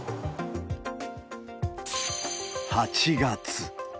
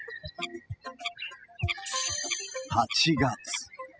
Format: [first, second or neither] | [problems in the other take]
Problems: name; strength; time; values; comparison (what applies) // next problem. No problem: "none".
first | noise reduction (classical method spectral subtraction)